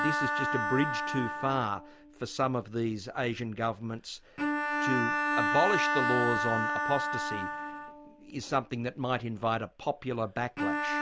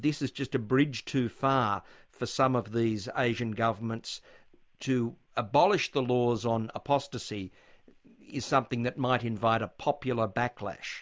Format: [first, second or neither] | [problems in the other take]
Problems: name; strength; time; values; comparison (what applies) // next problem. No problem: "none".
second | background sound (Bowed string instrument); as loud as the speech